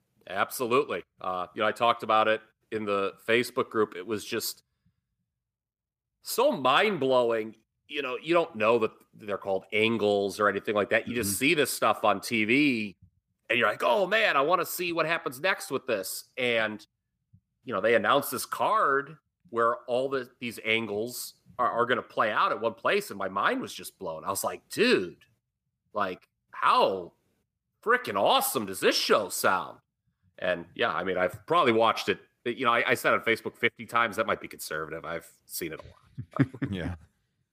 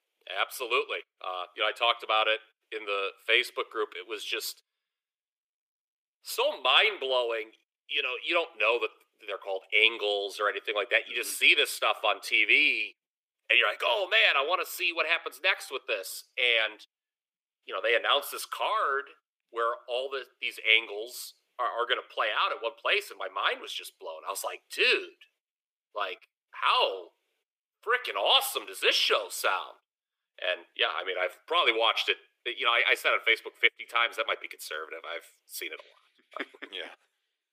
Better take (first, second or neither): first